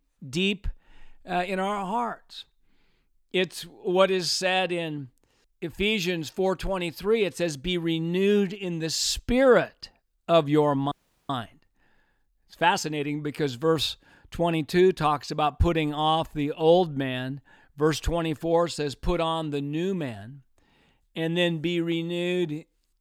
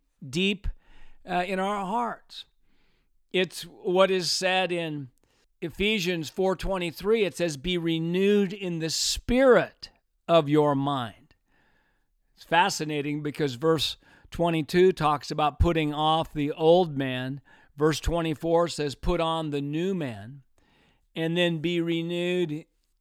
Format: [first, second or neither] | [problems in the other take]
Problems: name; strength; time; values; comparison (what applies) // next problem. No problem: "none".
second | audio freezing; at 11 s